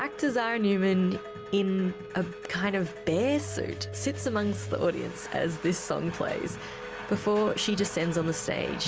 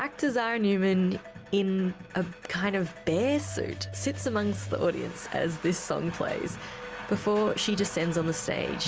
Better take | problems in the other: second | background sound (Wind instrument, woodwind instrument); 16 dB below the speech

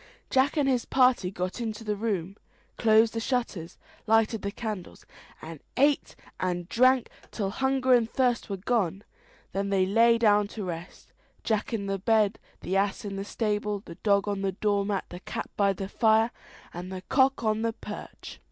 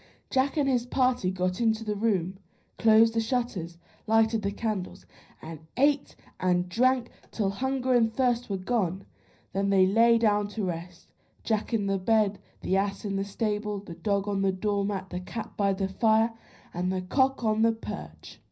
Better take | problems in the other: first | room echo; dies away in 0.5 s

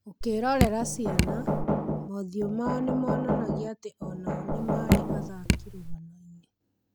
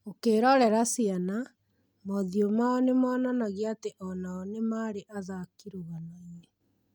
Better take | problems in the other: second | background sound (Knock + Drip); 5 dB above the speech

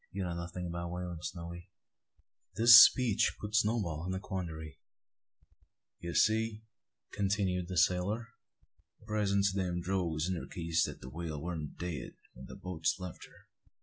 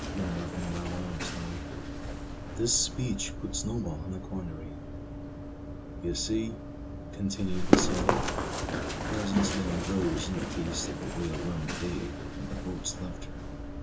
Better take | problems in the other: first | background sound (Run); 1 dB above the speech // room echo; dies away in 0.2 s

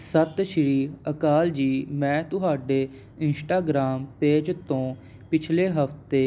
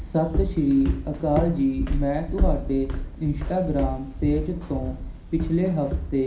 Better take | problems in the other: first | background sound (Walk, footsteps); 3 dB below the speech // room echo; dies away in 0.5 s

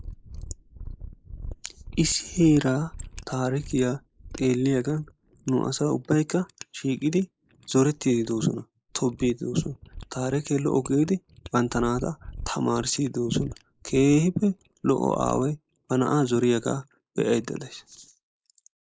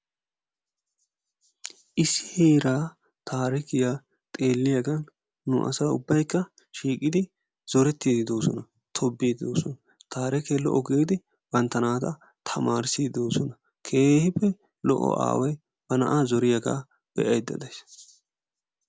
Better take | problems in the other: second | noise reduction (neural mask model Resemble Enhance denoiser)

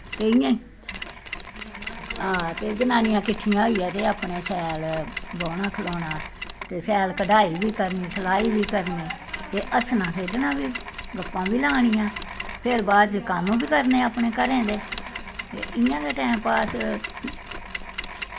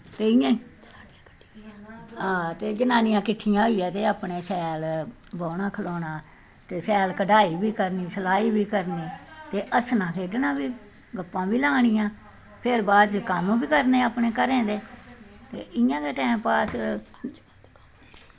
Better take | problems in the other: second | background sound (Mechanisms); 10 dB below the speech

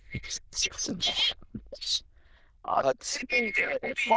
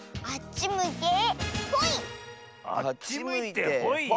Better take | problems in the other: second | noise reduction (neural diffusion model UNIVERSE++)

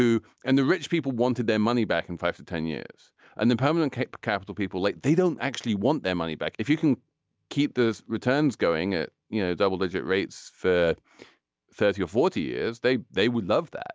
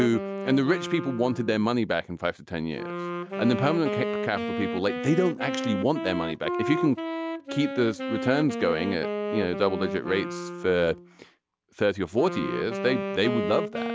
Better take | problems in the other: first | background sound (Wind instrument, woodwind instrument); 5 dB below the speech

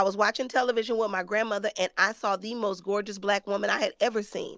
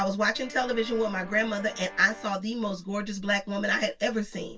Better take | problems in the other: first | background sound (Guitar); 16 dB below the speech // room echo; dies away in 0.1 s

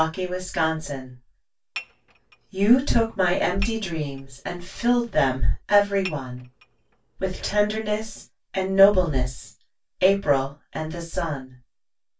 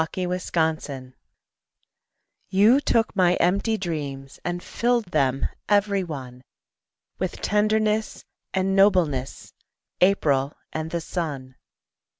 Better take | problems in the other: second | background sound (Dishes, pots, and pans / Chink, clink); 18 dB below the speech // room echo; dies away in 0.1 s

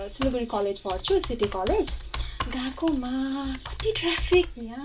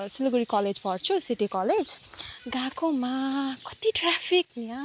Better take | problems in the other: second | background sound (Computer keyboard); 8 dB below the speech // room echo; dies away in 0.2 s

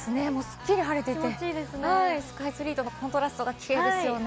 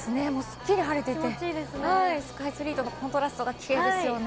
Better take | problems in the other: first | background sound (Alarm); 16 dB below the speech

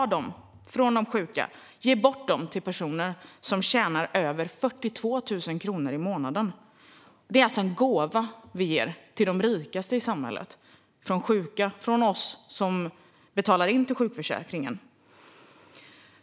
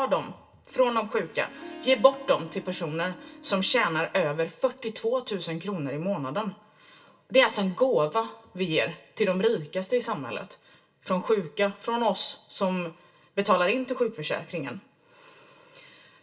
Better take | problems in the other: first | background sound (Harp); 19 dB below the speech // room echo; dies away in 0.2 s

